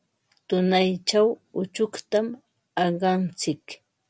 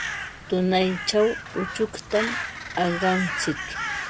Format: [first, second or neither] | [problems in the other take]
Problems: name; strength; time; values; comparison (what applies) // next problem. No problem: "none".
first | background sound (Crow); 6 dB below the speech